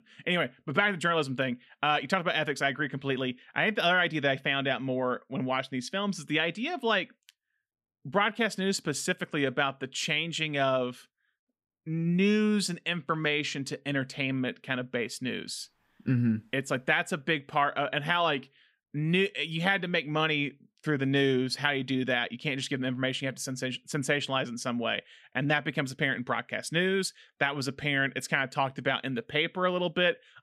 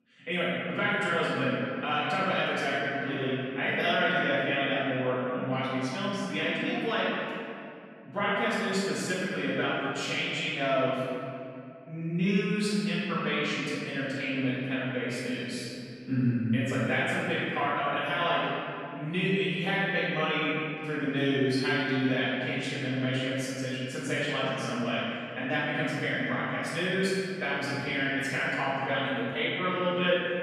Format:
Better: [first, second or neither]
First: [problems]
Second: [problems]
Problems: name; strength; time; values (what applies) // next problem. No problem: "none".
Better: first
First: none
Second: off-mic speech; far // room echo; strong; dies away in 2.4 s